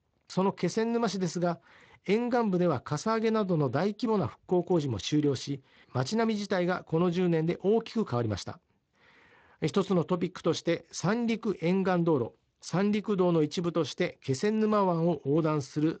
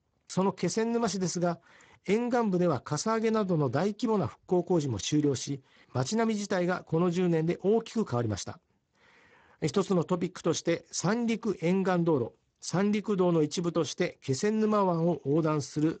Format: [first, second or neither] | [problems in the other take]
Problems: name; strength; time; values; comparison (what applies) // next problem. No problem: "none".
first | garbled, watery; badly; nothing above 7.5 kHz; slightly in the first